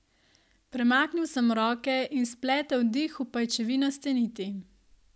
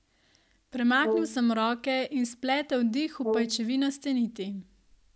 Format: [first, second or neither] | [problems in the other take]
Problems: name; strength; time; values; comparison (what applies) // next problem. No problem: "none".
first | background sound (Brass instrument); 7 dB below the speech